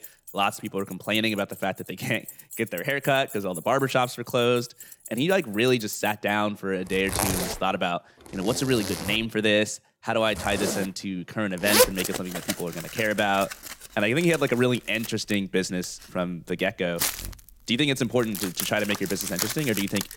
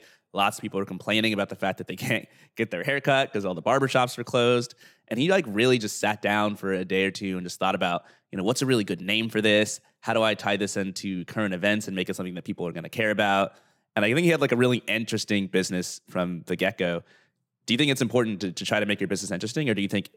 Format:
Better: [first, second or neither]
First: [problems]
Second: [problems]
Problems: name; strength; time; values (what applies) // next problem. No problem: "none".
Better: second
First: household noises; loud; throughout; 5 dB below the speech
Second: none